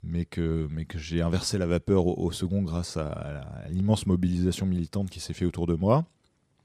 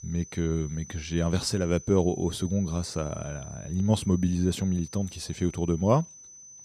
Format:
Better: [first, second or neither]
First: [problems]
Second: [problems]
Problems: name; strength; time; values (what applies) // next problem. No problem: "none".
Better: first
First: none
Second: high-pitched whine; noticeable; throughout; 6 kHz, 15 dB below the speech